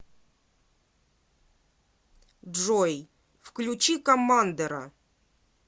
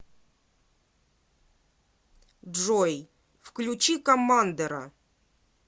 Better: first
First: none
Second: background sound (Cowbell); 18 dB below the speech

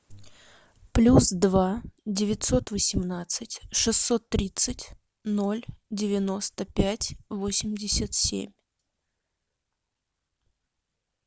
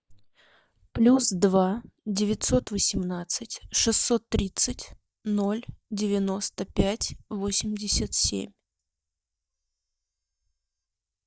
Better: first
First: none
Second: noise reduction (neural mask model DeepFilterNet 3)

